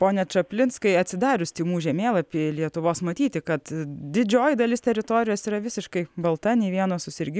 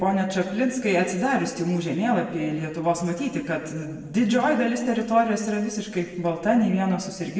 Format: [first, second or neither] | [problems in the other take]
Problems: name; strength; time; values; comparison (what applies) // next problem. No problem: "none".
first | room echo; dies away in 1.1 s